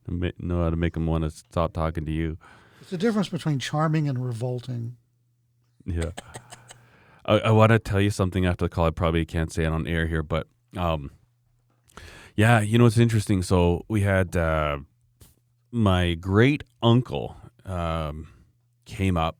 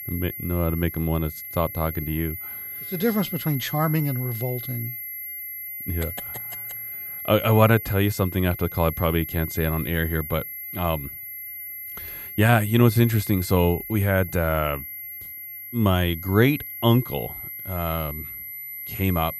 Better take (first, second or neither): first